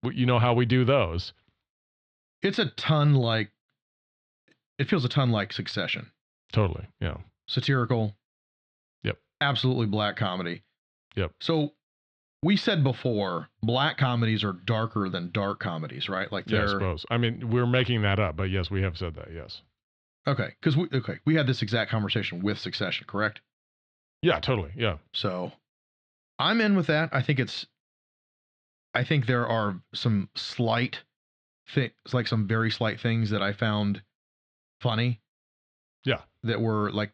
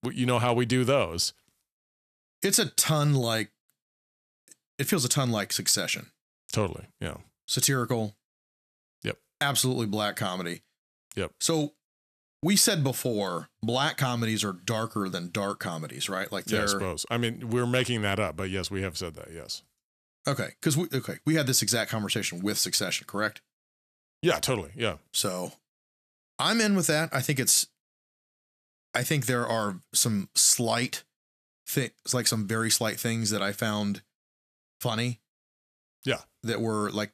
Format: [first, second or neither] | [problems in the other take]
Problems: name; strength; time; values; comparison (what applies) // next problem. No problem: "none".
second | muffled; slightly; fading above 4 kHz